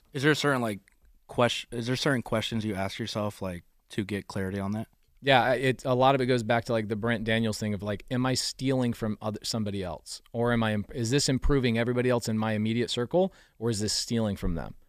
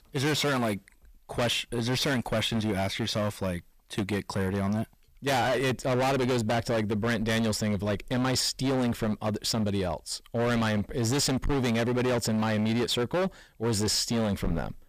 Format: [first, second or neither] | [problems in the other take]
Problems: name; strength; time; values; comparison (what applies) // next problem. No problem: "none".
first | distortion; heavy; 24% of the sound clipped